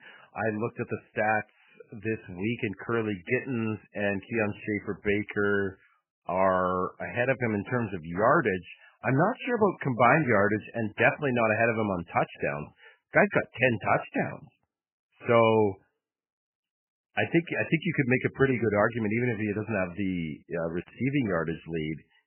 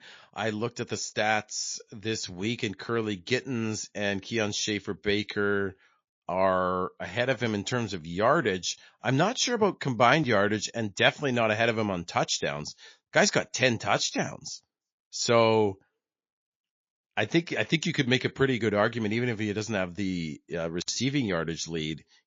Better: second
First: garbled, watery; badly; nothing above 3 kHz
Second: garbled, watery; slightly

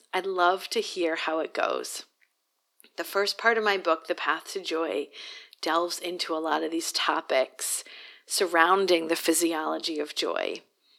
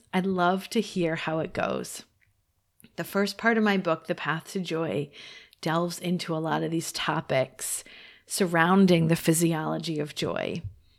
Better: second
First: thin; very; fading below 300 Hz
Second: none

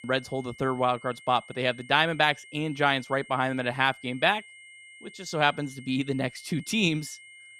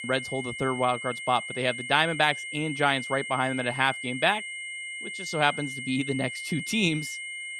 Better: first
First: high-pitched whine; faint; throughout; 2 kHz, 20 dB below the speech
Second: high-pitched whine; loud; throughout; 2 kHz, 7 dB below the speech

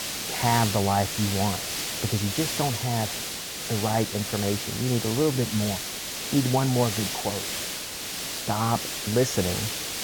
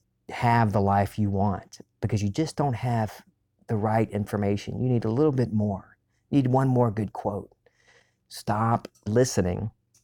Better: second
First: hiss; loud; throughout; 2 dB below the speech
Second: none

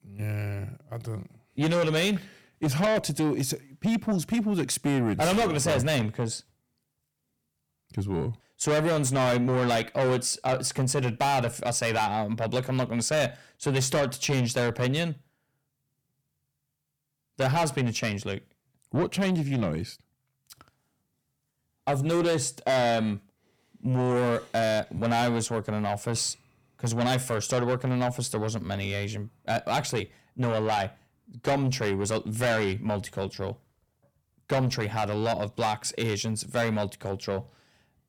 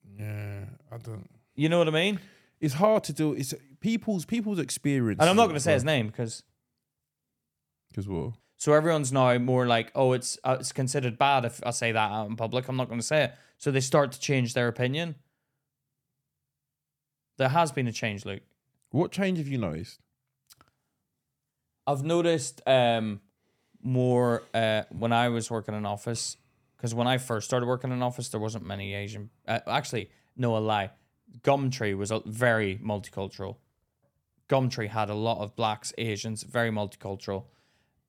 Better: second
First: distortion; heavy; 6 dB below the speech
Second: none

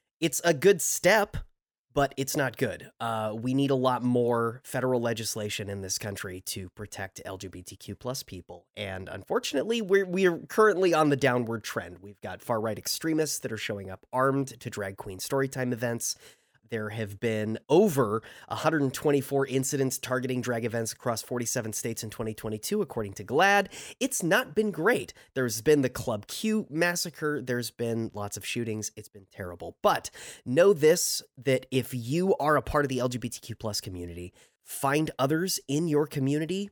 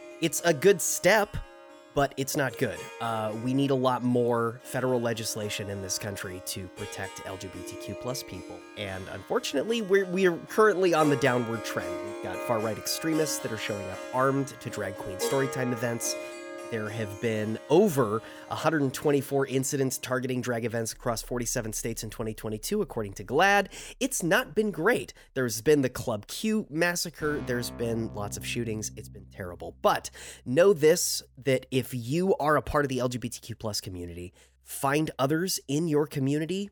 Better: first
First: none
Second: background music; noticeable; throughout; 15 dB below the speech

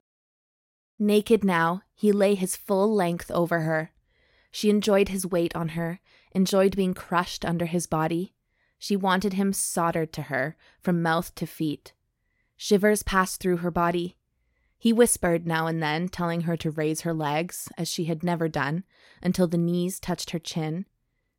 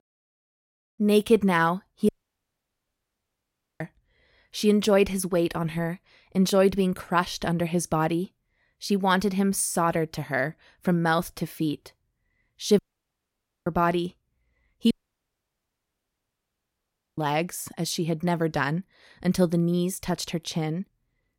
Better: first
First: none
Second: audio cutting out; at 2 s for 1.5 s, at 13 s for 1 s and at 15 s for 2.5 s

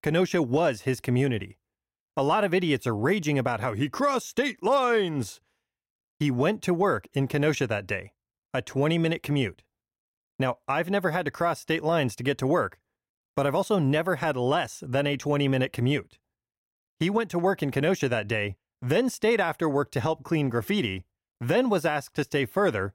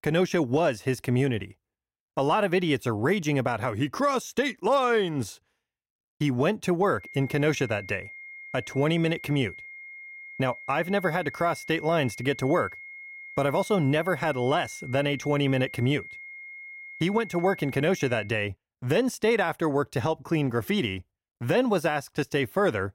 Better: first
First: none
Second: high-pitched whine; noticeable; from 7 to 18 s; 2 kHz, 15 dB below the speech

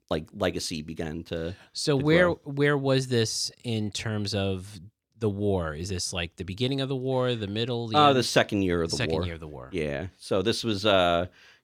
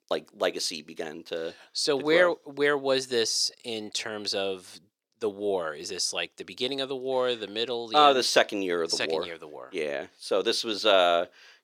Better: first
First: none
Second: thin; somewhat; fading below 450 Hz

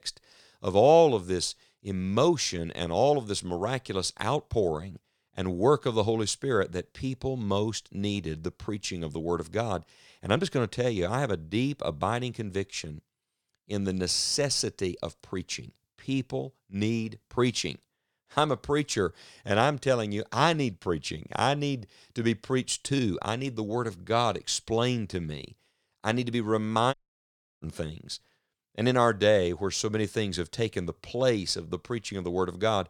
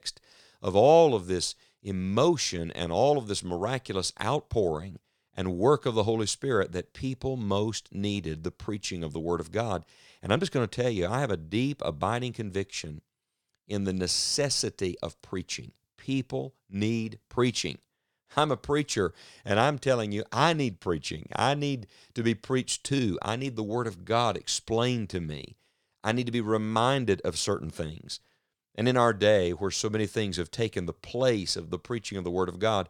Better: second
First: audio cutting out; at 27 s for 0.5 s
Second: none

